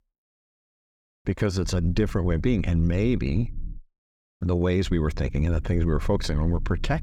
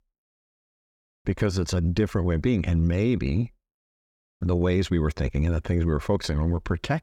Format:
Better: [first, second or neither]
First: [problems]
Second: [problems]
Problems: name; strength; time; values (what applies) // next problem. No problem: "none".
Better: second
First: low rumble; faint; from 1.5 to 4 s and from 5 s on; 25 dB below the speech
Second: none